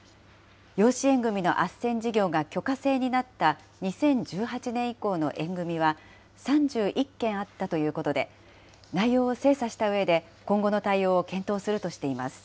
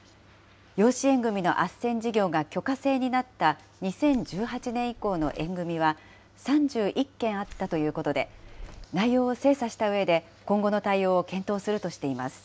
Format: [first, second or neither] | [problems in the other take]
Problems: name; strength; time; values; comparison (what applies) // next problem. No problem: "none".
first | background sound (Keys jangling); 18 dB below the speech